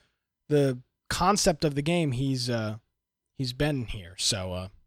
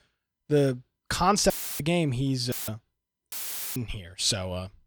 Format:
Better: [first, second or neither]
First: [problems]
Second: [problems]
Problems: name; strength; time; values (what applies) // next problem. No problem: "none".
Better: first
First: none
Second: audio cutting out; filled with static; at 1.5 s, at 2.5 s and at 3.5 s